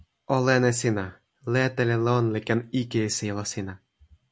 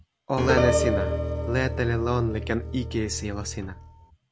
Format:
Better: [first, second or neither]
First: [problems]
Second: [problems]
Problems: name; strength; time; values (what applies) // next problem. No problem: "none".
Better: first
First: none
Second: background sound (Piano); as loud as the speech